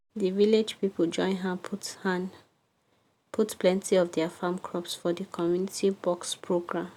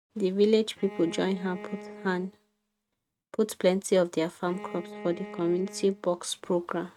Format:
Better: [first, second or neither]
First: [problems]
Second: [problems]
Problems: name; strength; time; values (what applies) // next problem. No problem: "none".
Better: first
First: none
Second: noise reduction (neural mask model RNNoise)